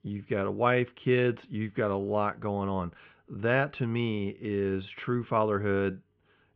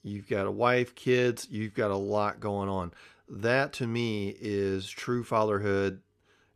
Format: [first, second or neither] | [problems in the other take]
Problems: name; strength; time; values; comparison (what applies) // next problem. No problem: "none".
second | muffled; very; fading above 3 kHz